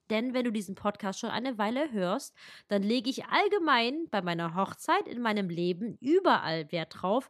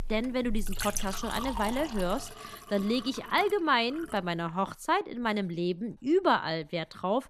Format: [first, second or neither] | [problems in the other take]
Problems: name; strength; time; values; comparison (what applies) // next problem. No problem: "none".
first | household noises; noticeable; throughout; 10 dB below the speech